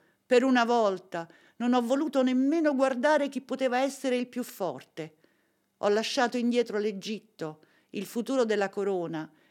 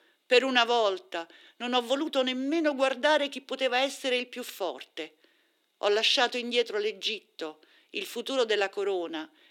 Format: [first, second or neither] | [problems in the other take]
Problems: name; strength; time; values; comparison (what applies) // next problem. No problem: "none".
first | thin; very slightly; fading below 350 Hz